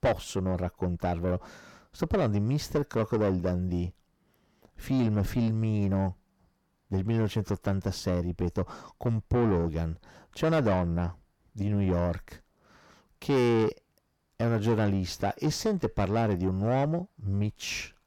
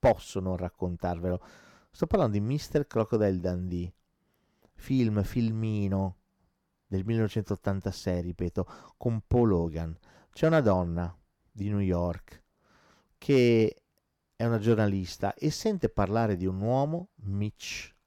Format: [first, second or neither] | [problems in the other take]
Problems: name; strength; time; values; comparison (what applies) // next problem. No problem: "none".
second | distortion; slight; 10 dB below the speech